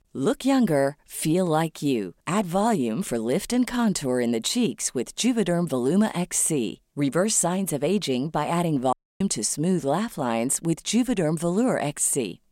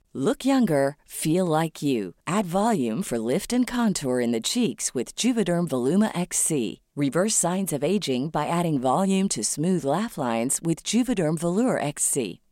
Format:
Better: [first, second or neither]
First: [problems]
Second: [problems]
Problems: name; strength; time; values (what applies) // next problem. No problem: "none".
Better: second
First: audio cutting out; at 9 s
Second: none